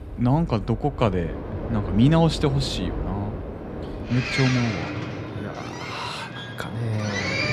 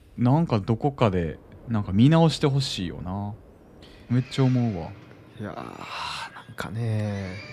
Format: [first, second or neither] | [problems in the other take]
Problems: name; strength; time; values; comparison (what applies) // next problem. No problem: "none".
second | train or aircraft noise; loud; throughout; 6 dB below the speech; faint in the second